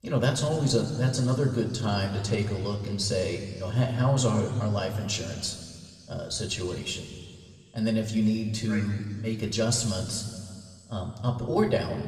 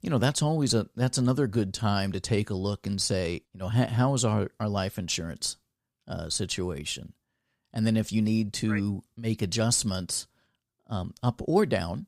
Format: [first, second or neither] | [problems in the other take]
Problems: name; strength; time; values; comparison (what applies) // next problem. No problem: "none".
second | room echo; noticeable; dies away in 2.2 s // off-mic speech; somewhat distant